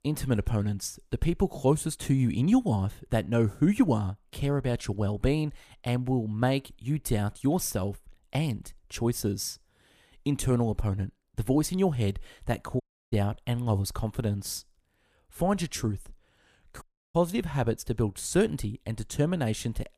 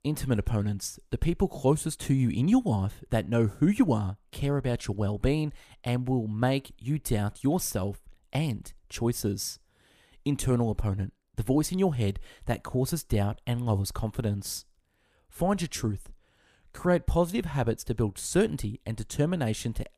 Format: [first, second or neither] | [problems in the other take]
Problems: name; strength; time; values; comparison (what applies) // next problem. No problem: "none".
second | audio cutting out; at 13 s and at 17 s